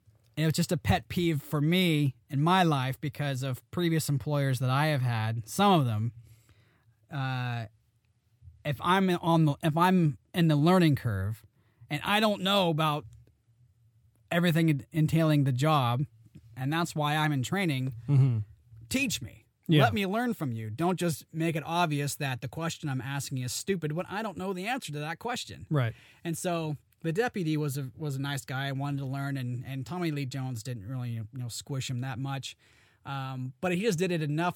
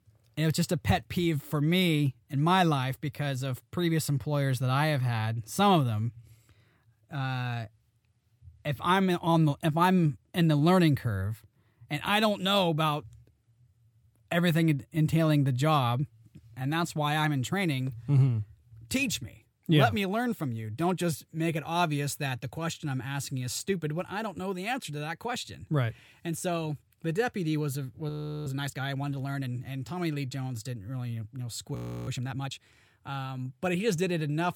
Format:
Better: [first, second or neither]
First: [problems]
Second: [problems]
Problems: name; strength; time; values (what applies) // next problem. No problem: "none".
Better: first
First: none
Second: audio freezing; at 28 s and at 32 s